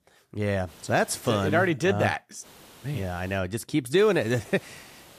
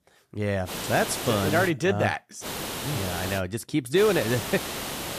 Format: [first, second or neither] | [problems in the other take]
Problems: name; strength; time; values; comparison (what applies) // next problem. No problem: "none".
first | hiss; loud; from 0.5 to 1.5 s, at 2.5 s and from 4 s on; 6 dB below the speech; faint in the first